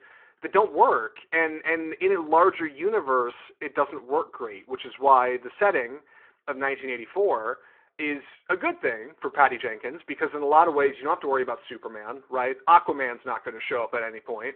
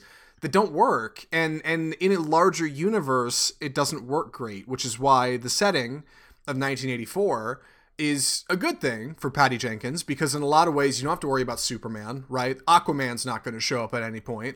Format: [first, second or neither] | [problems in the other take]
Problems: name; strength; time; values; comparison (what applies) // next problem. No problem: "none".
second | phone-call audio